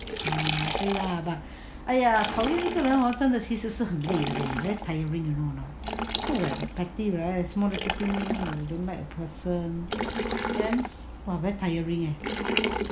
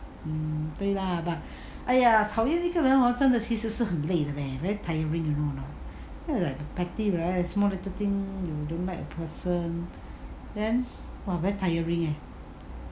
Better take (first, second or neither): second